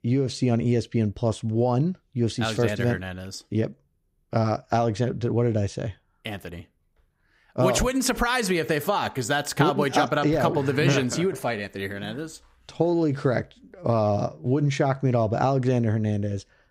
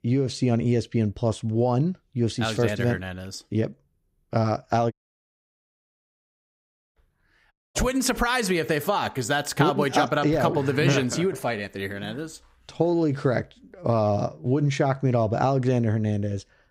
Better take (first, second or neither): first